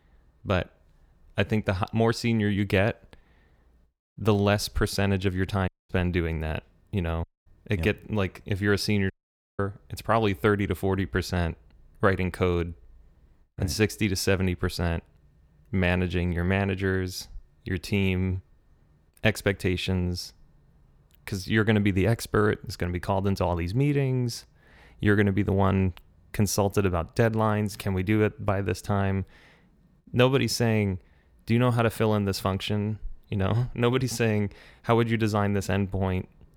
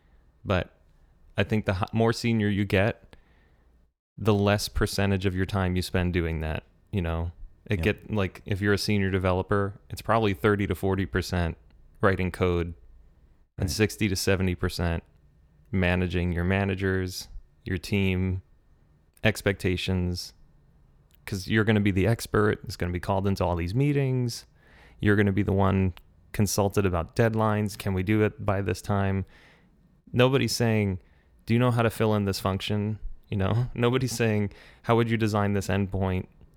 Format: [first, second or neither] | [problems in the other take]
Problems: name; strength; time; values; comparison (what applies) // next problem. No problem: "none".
second | audio cutting out; at 5.5 s, at 7 s and at 9 s